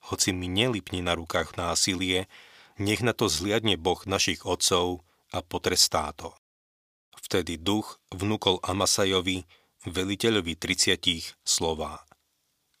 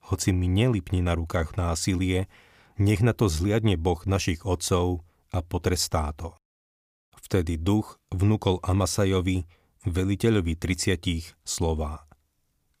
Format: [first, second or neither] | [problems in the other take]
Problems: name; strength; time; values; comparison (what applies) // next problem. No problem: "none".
second | thin; somewhat; fading below 900 Hz